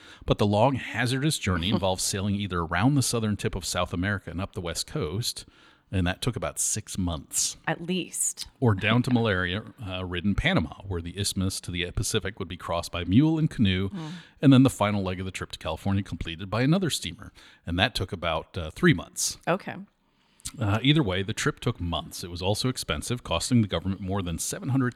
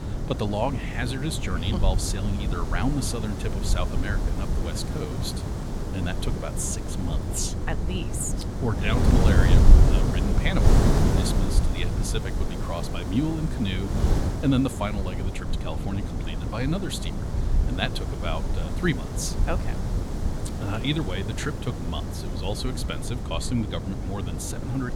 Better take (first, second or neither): first